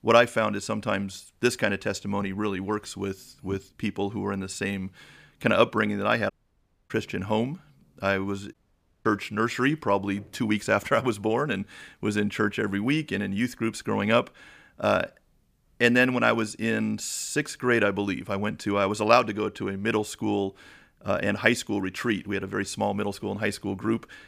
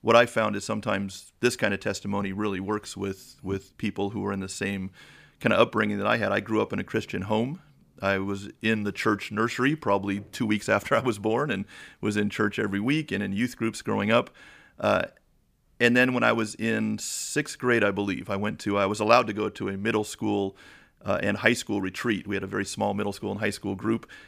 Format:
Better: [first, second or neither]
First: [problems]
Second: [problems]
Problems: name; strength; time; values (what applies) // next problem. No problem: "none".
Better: second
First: audio cutting out; at 6.5 s for 0.5 s and at 8.5 s for 0.5 s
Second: none